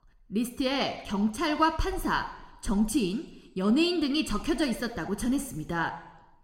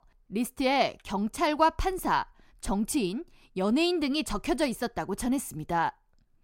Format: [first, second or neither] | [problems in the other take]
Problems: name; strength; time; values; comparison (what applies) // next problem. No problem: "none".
second | room echo; very slight; dies away in 0.9 s